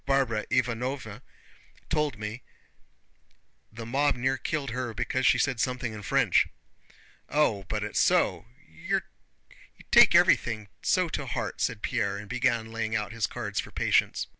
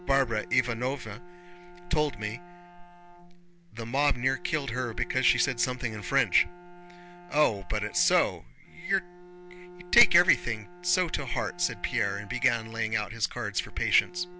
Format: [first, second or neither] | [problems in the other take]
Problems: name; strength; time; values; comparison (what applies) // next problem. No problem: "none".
first | background sound (Bowed string instrument); 20 dB below the speech